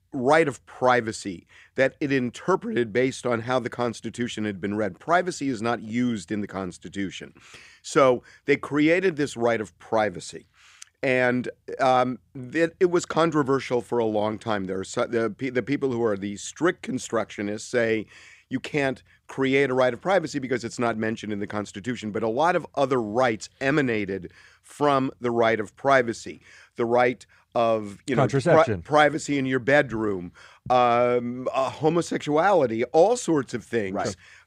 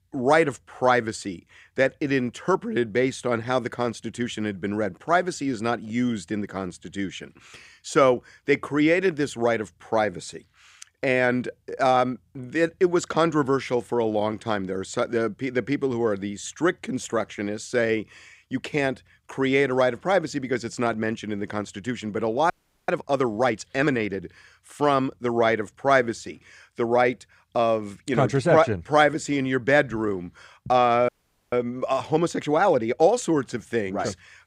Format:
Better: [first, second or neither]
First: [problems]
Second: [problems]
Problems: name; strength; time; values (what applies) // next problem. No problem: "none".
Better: first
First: none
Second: audio freezing; at 23 s and at 31 s